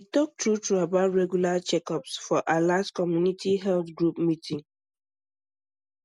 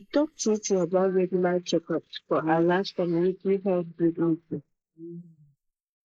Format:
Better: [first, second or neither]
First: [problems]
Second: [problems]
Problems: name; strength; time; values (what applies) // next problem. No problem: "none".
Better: first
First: none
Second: noise reduction (neural mask model Resemble Enhance denoiser)